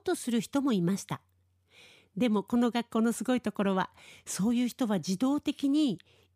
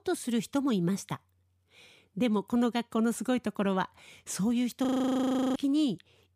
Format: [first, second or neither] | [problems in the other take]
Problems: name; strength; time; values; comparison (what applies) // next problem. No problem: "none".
first | audio freezing; at 5 s for 0.5 s